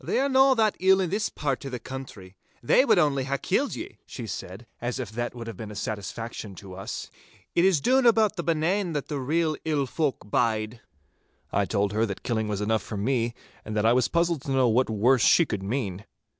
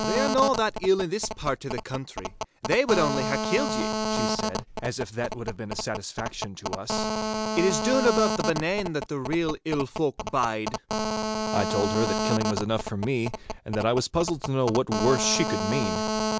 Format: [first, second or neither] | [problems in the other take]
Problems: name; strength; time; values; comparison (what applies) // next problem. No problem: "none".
first | background sound (Telephone); 3 dB below the speech